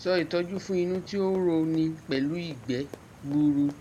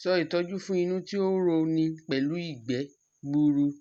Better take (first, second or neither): second